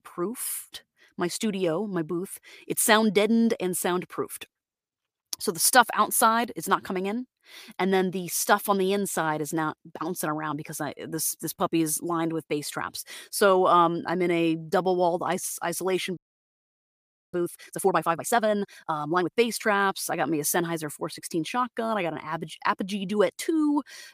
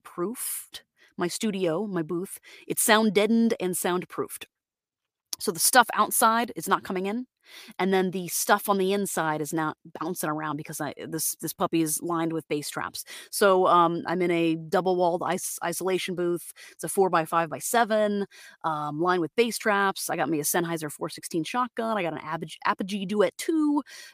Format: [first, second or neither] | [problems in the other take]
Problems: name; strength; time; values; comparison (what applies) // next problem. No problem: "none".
second | audio freezing; at 16 s for 1 s